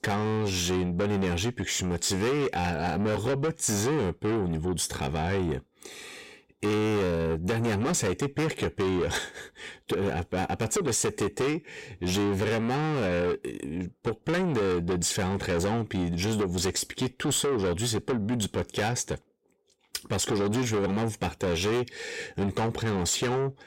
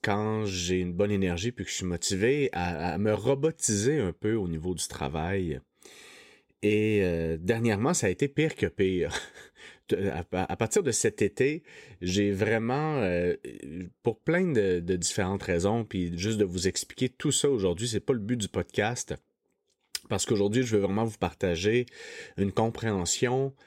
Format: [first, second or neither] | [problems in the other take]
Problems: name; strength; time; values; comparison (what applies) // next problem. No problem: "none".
second | distortion; heavy; 7 dB below the speech